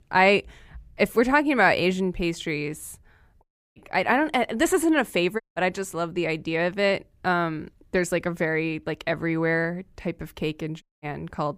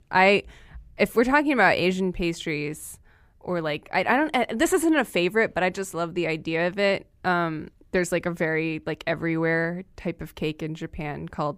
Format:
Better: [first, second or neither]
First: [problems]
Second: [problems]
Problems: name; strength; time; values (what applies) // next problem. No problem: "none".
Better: second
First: audio cutting out; at 3.5 s, at 5.5 s and at 11 s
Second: none